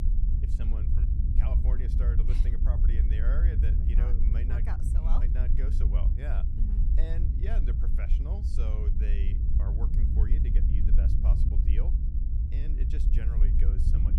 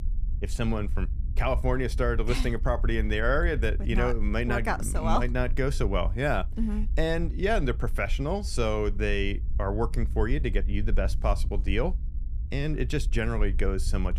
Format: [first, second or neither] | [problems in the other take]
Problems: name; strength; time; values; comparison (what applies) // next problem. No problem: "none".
second | low rumble; loud; throughout; as loud as the speech; faint in the second